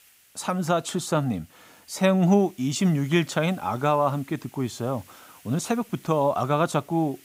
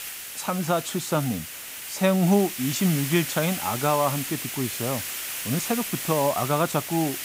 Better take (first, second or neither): first